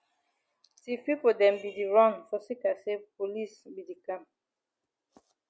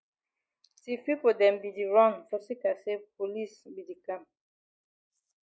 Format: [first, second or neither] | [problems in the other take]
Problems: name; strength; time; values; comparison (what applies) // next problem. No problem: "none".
first | noise reduction (neural mask model Resemble Enhance denoiser)